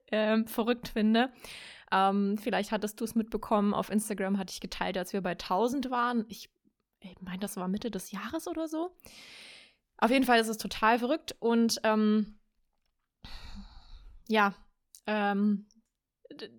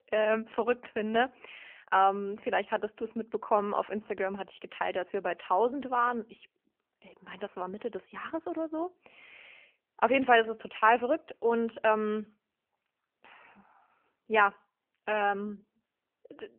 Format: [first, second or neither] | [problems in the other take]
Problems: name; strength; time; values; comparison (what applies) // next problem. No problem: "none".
first | phone-call audio; nothing above 3 kHz